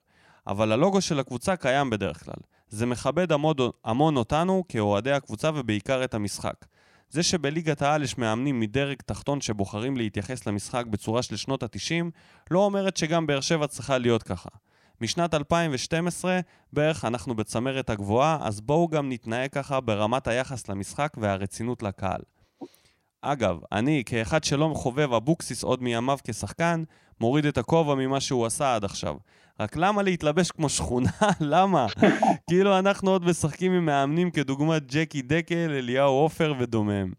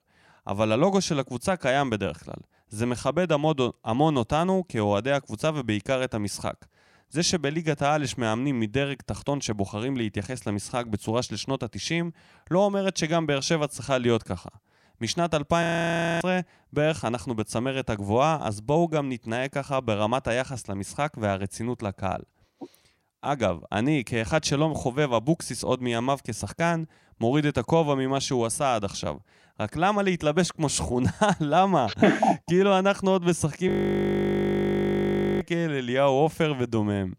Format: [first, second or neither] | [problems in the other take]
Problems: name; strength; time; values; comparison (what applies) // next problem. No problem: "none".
first | audio freezing; at 16 s for 0.5 s and at 34 s for 1.5 s